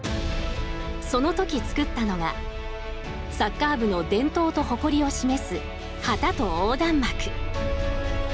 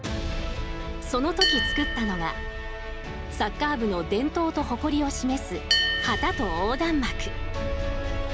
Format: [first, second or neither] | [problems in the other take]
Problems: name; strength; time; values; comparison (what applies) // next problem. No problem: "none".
first | background sound (Bell); 6 dB below the speech